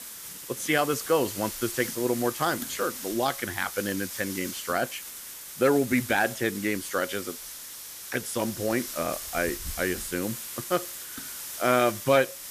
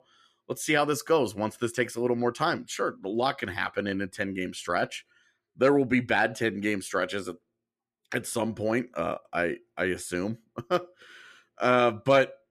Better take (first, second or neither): second